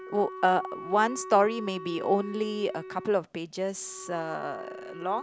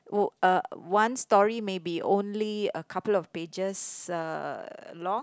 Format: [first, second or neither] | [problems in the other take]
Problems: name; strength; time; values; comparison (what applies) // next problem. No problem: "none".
second | background sound (Wind instrument, woodwind instrument); 13 dB below the speech